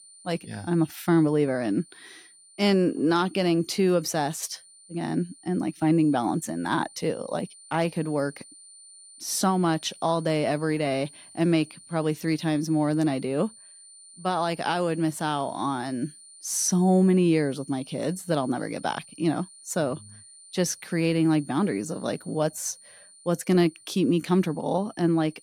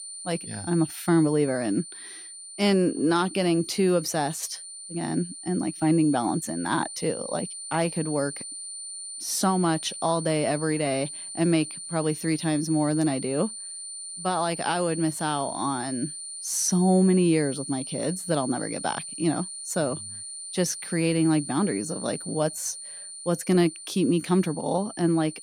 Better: first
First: high-pitched whine; faint; throughout; 9 kHz, 20 dB below the speech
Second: high-pitched whine; loud; throughout; 9 kHz, 9 dB below the speech

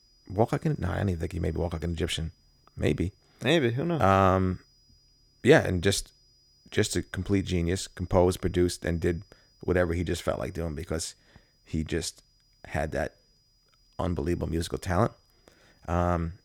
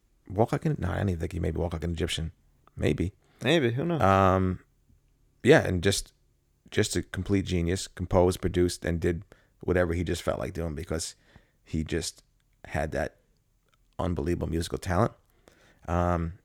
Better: second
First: high-pitched whine; faint; throughout; 5 kHz, 35 dB below the speech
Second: none

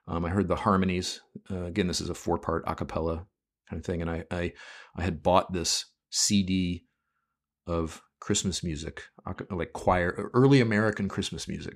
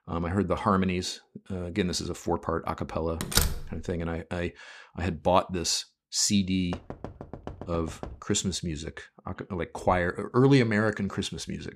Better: first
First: none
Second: door banging; loud; at 3 s; peak 2 dB above the speech // door banging; faint; from 6.5 to 8 s; peak 10 dB below the speech

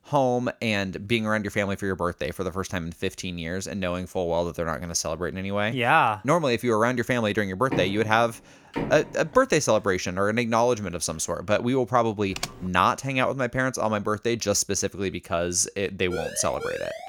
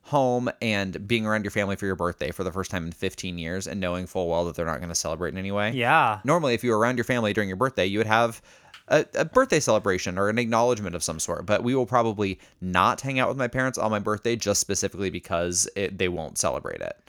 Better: second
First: door banging; noticeable; from 7.5 to 9 s; peak 6 dB below the speech // keyboard typing; noticeable; at 12 s; peak 9 dB below the speech // siren; noticeable; at 16 s; peak 9 dB below the speech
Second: none

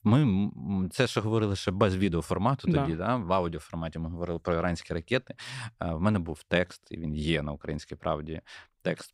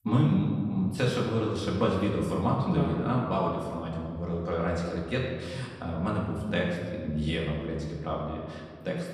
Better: first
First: none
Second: off-mic speech; far // room echo; noticeable; dies away in 1.8 s

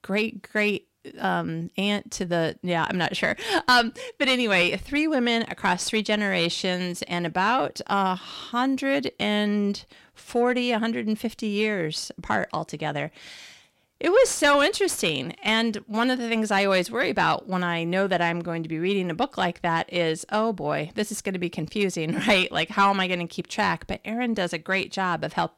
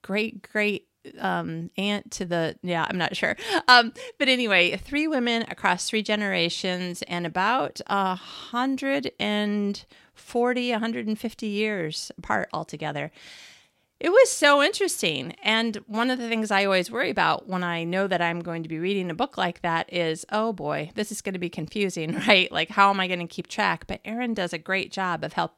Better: second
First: distortion; slight; 10 dB below the speech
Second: none

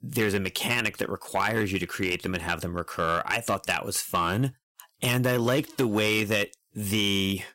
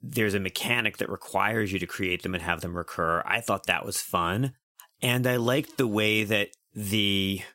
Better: second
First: distortion; slight; 3% of the sound clipped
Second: none

